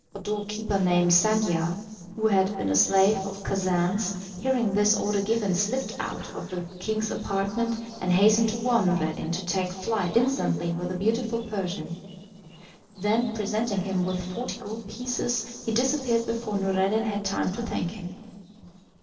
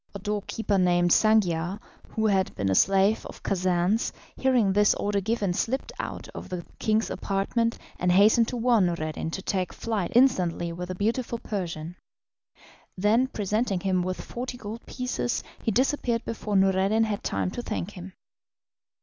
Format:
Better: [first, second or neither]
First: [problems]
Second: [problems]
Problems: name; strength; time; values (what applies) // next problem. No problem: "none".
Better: second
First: noise reduction (neural separator model SepFormer DNS4)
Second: none